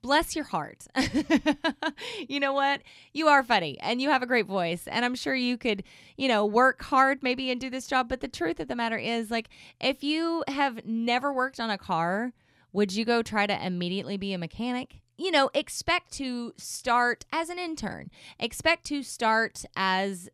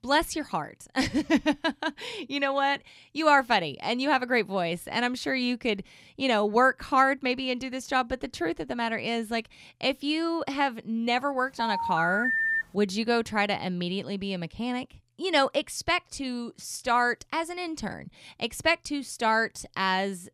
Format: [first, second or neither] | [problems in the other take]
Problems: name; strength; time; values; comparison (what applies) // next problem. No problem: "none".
first | phone ringing; loud; from 12 to 13 s; peak 3 dB above the speech